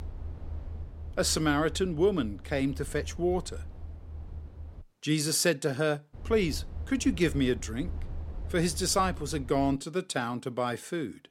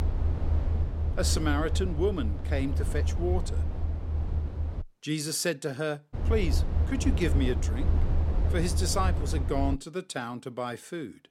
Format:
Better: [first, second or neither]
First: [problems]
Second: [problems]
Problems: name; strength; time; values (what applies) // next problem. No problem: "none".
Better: first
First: low rumble; faint; until 5 s and from 6 to 9.5 s; 25 dB below the speech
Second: low rumble; loud; until 5 s and from 6 to 9.5 s; 9 dB below the speech